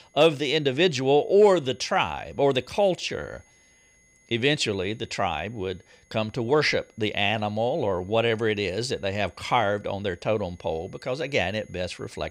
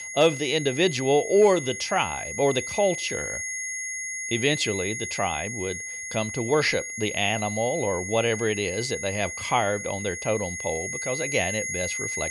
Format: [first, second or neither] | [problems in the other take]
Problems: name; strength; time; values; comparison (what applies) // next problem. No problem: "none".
first | high-pitched whine; loud; throughout; 2 kHz, 5 dB below the speech; faint in the first